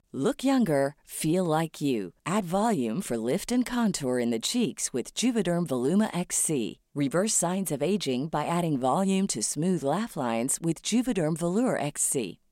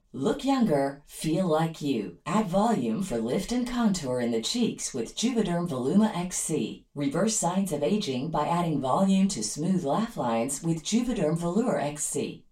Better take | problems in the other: first | room echo; very slight; dies away in 0.2 s // off-mic speech; far

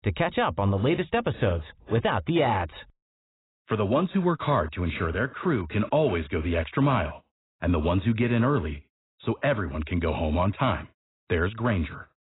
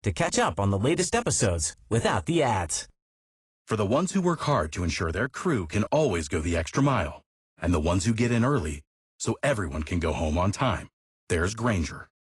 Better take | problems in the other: second | garbled, watery; badly; nothing above 4 kHz; slightly in the second

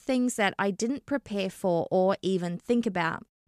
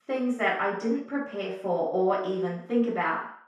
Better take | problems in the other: first | room echo; noticeable; dies away in 0.6 s // off-mic speech; far

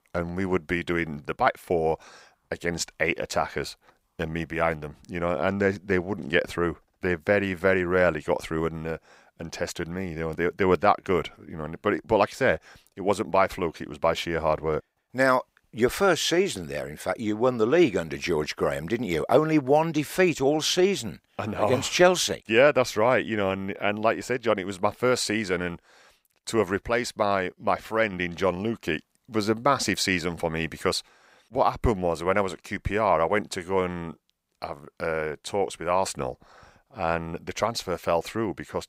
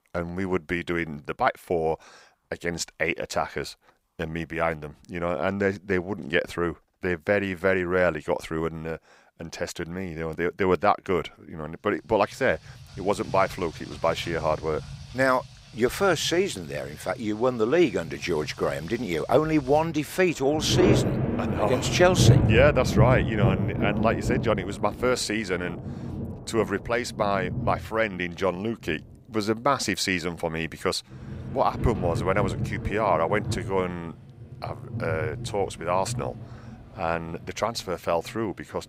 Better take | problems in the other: first | rain or running water; loud; from 12 s on; 3 dB below the speech

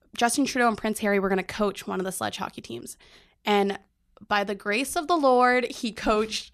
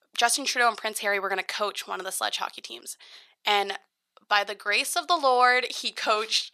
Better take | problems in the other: first | thin; very; fading below 700 Hz

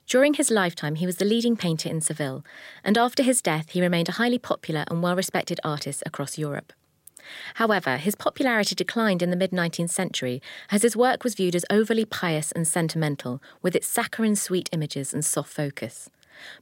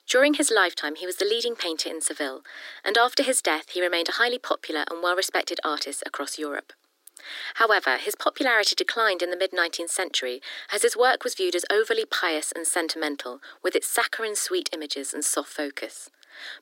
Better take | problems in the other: first | thin; somewhat; fading below 300 Hz

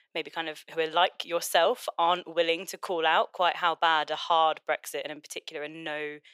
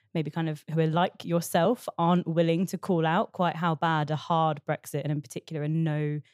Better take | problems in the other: second | thin; very; fading below 450 Hz

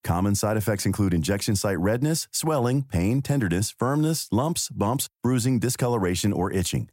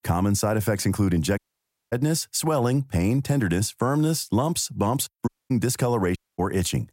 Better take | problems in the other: first | audio cutting out; at 1.5 s for 0.5 s, at 5.5 s and at 6 s

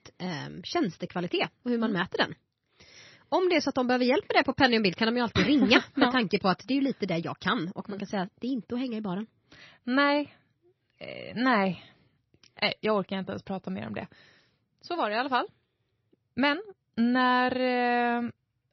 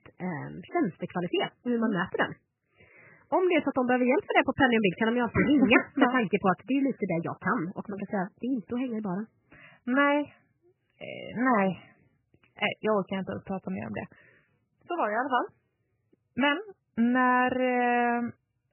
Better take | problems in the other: first | garbled, watery; badly; nothing above 3 kHz; slightly in the first

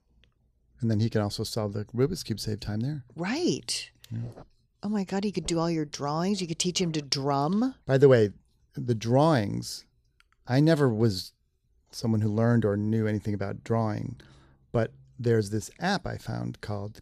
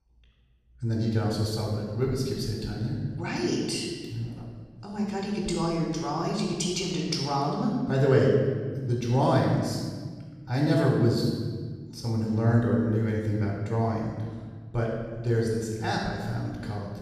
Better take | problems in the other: first | off-mic speech; far // room echo; noticeable; dies away in 1.5 s

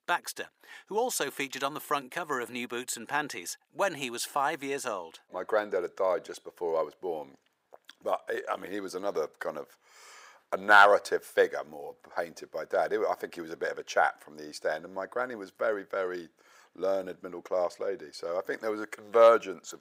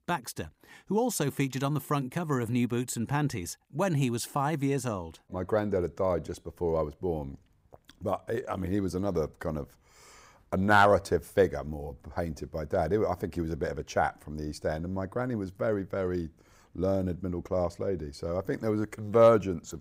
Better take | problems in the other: second | thin; very; fading below 550 Hz

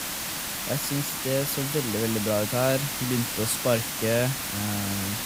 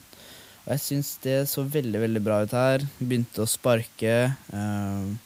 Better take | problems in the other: second | hiss; loud; throughout; 1 dB below the speech; faint in the second

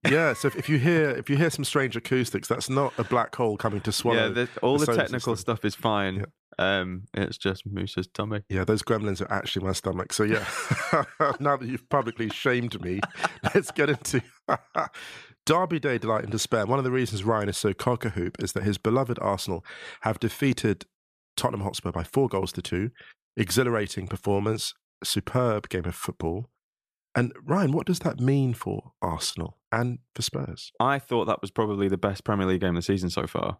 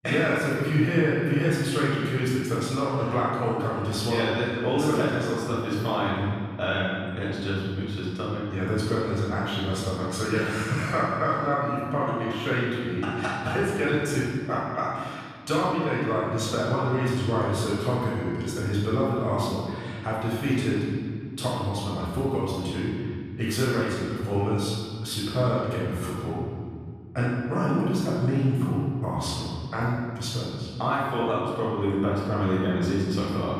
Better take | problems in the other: first | off-mic speech; far // room echo; strong; dies away in 2.3 s

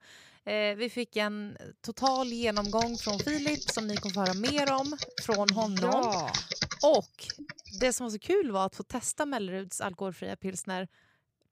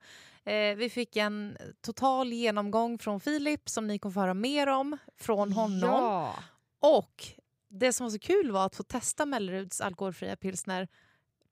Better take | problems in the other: second | keyboard typing; loud; from 2 to 8 s; peak 2 dB above the speech

